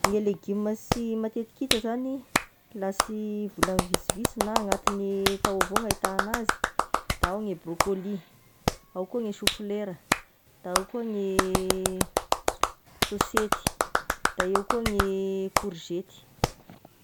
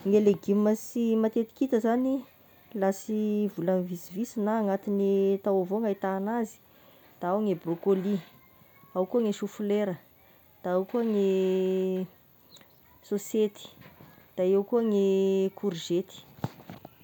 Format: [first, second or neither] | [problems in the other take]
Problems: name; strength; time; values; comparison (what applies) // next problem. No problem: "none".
second | background sound (Clapping); 2 dB above the speech